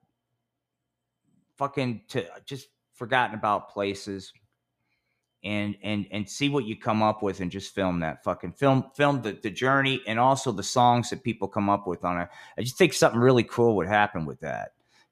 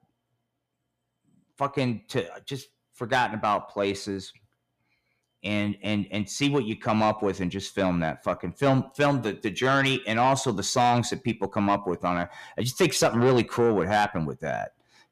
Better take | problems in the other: first | distortion; slight; 10 dB below the speech

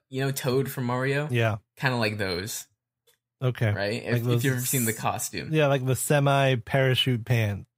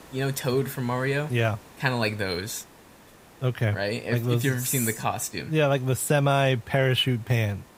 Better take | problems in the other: first | hiss; faint; throughout; 25 dB below the speech

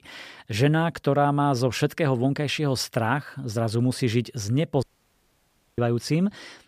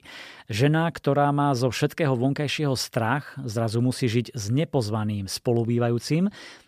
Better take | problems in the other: second | audio cutting out; at 5 s for 1 s

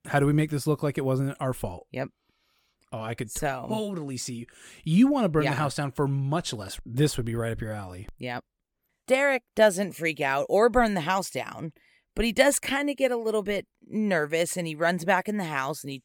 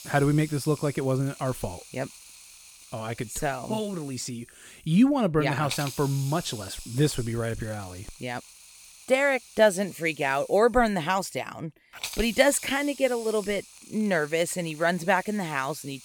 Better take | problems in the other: first | hiss; noticeable; throughout; 15 dB below the speech

